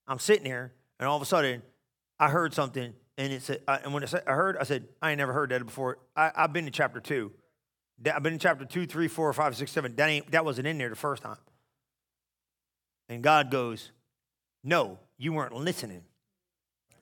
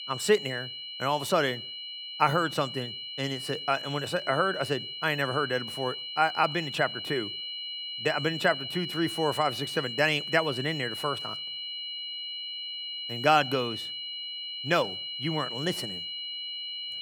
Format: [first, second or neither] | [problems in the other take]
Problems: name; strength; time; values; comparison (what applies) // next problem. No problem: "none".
first | high-pitched whine; loud; throughout; 3 kHz, 6 dB below the speech